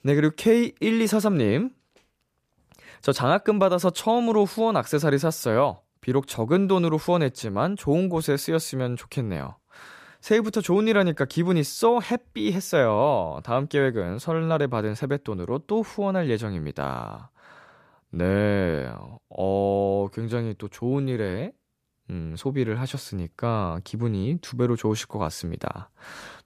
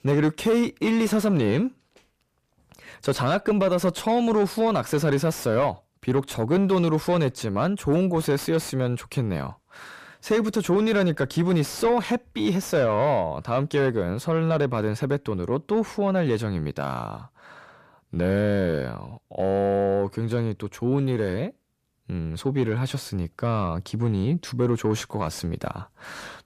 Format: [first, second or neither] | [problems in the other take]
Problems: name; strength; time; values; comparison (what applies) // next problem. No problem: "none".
first | distortion; slight; 10 dB below the speech